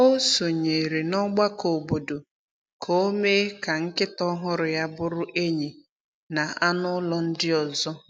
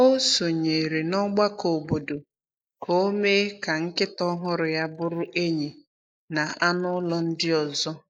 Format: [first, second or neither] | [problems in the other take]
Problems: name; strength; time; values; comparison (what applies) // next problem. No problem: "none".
first | noise reduction (neural mask model Resemble Enhance denoiser)